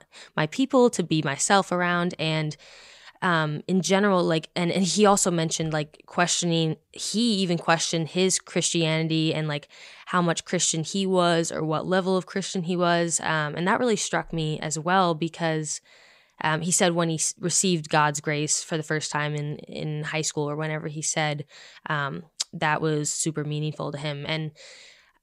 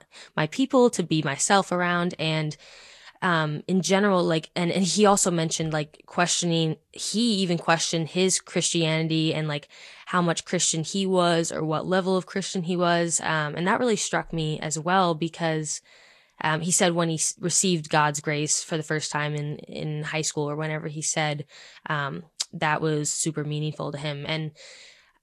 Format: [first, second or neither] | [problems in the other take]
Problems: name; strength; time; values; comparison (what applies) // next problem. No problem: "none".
first | garbled, watery; slightly